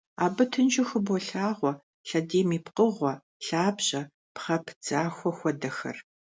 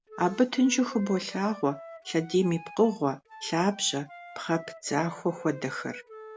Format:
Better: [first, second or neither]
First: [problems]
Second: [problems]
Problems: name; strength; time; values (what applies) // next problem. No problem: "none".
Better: first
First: none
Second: background sound (Wind instrument, woodwind instrument); 18 dB below the speech